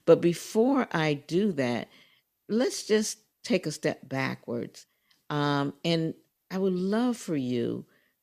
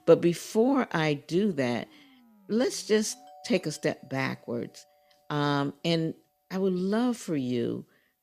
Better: first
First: none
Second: alarms or sirens; faint; throughout; 30 dB below the speech

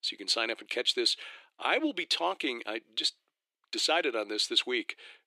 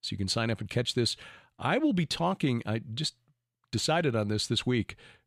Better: second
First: thin; somewhat; fading below 300 Hz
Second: none

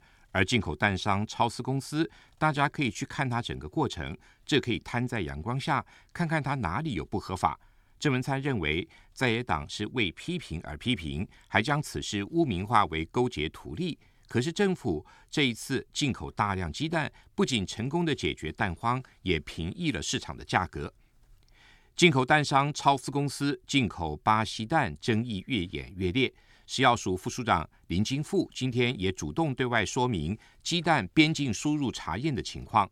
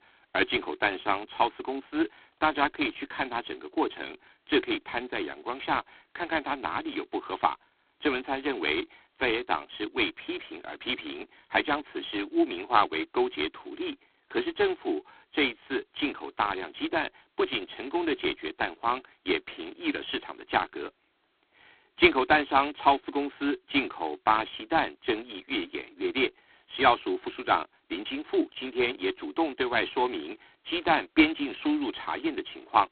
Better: first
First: none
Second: phone-call audio; poor line; nothing above 3.5 kHz

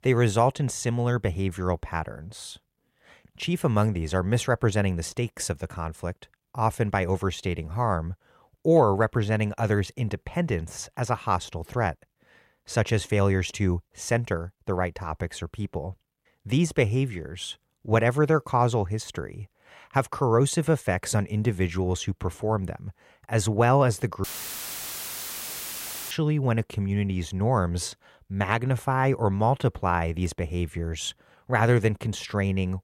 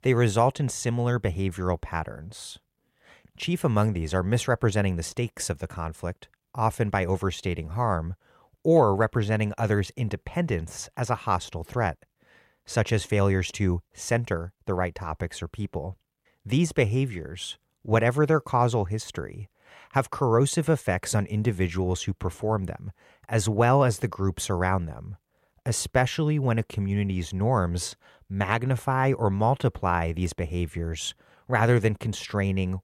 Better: second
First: audio cutting out; filled with static; at 24 s for 2 s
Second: none

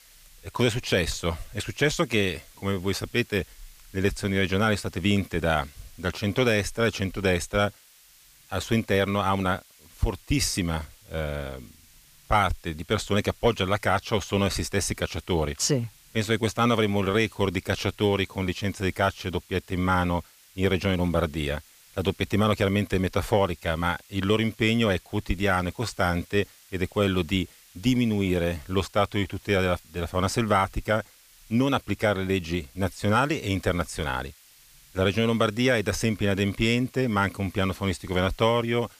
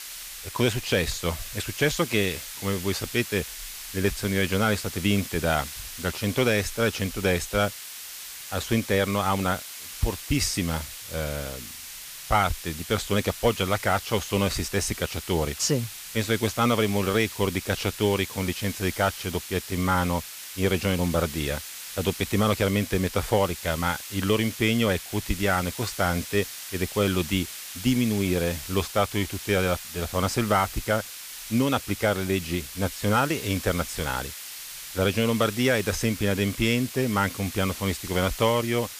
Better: first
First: hiss; faint; throughout; 25 dB below the speech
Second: hiss; loud; throughout; 10 dB below the speech

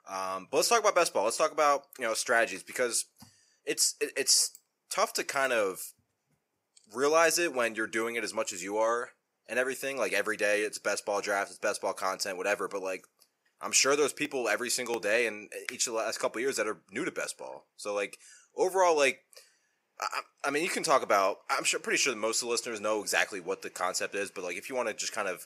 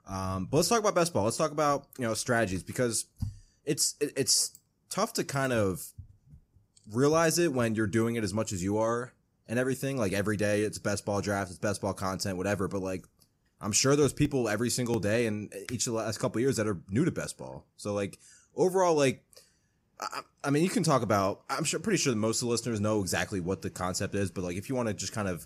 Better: second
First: thin; very; fading below 550 Hz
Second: none

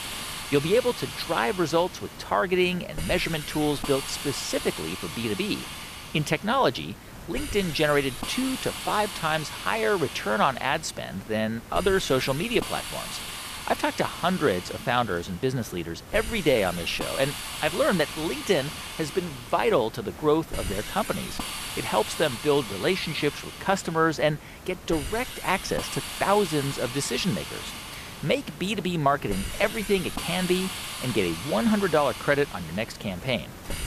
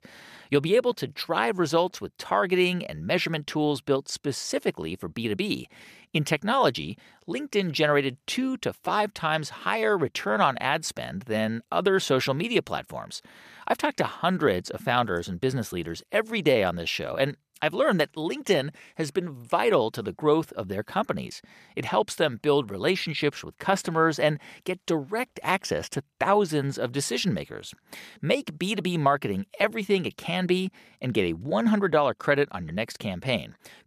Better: second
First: hiss; loud; throughout; 9 dB below the speech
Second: none

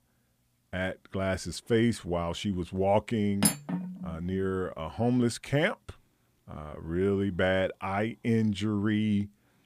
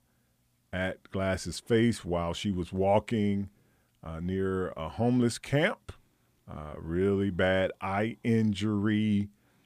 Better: second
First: clattering dishes; loud; at 3.5 s; peak 2 dB above the speech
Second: none

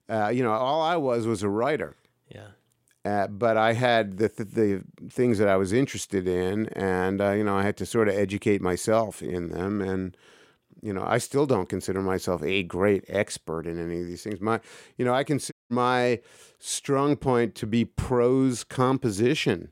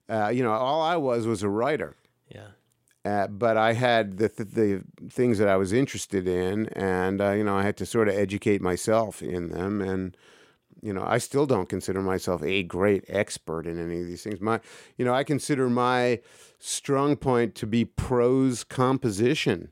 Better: second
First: audio cutting out; at 16 s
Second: none

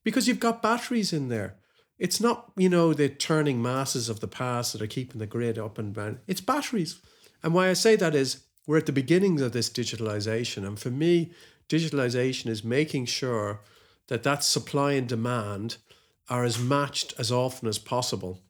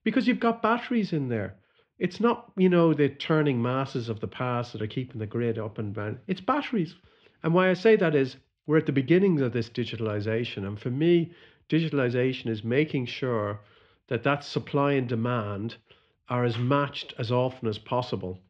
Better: first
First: none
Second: muffled; very; fading above 3 kHz

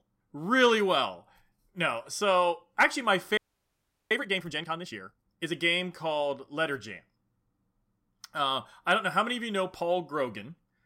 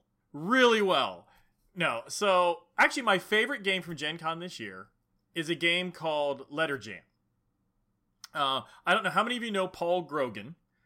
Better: second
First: audio freezing; at 3.5 s for 0.5 s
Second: none

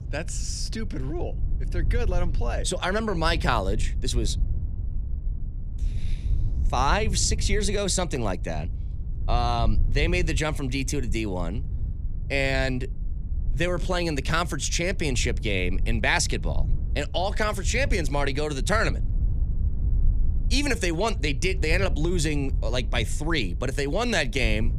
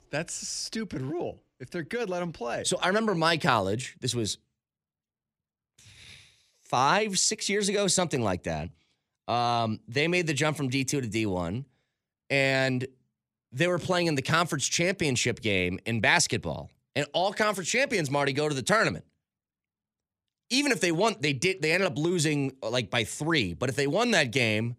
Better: second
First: wind noise on the microphone; occasional gusts; 20 dB below the speech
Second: none

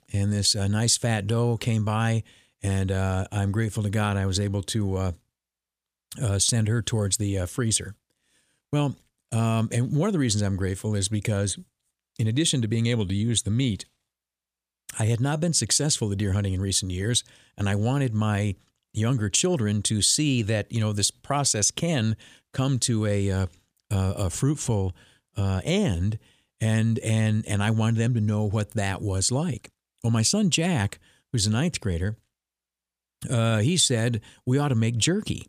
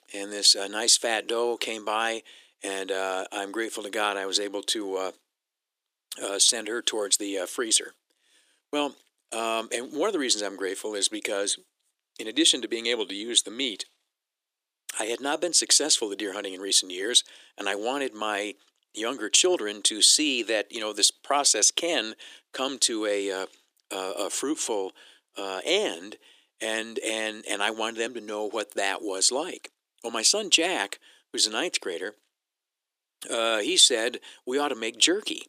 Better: first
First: none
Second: thin; very; fading below 300 Hz

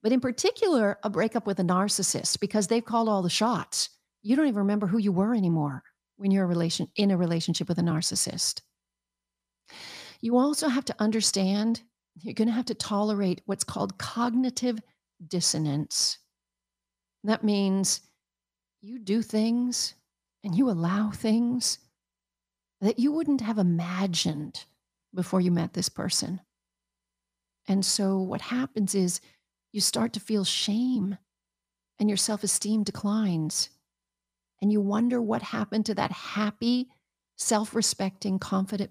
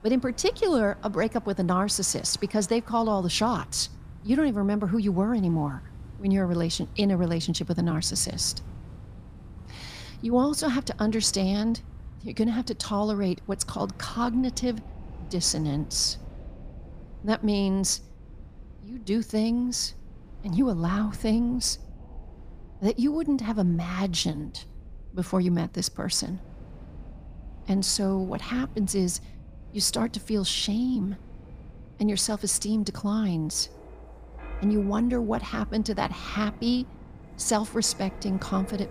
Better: first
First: none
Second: wind in the background; noticeable; throughout; 20 dB below the speech

